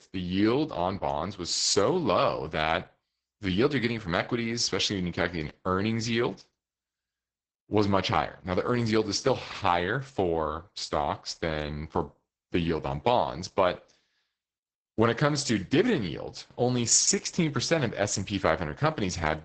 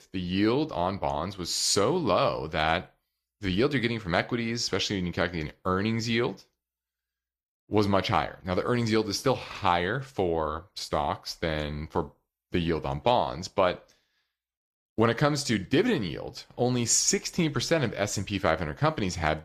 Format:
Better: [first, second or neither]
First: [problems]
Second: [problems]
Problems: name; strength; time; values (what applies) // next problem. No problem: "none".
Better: second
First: garbled, watery; badly; nothing above 8 kHz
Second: none